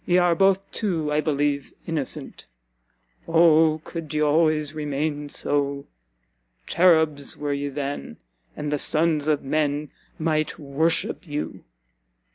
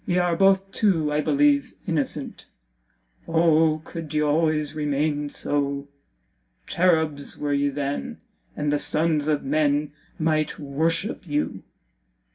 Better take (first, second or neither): first